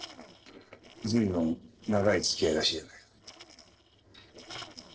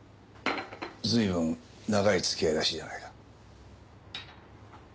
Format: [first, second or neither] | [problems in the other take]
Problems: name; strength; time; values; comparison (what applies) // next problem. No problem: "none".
second | noise reduction (neural separator model SepFormer DNS4)